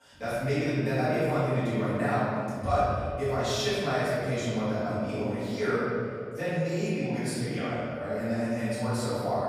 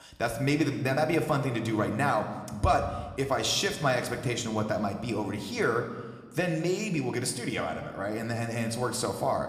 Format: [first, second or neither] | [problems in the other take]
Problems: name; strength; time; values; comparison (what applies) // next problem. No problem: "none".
second | room echo; strong; dies away in 2.3 s; slight in the second // off-mic speech; far